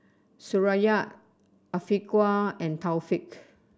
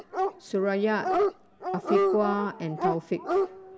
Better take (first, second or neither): first